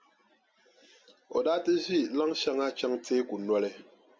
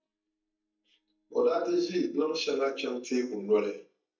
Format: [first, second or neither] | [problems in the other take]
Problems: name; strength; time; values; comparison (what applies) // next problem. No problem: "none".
first | noise reduction (neural mask model DeepFilterNet 3)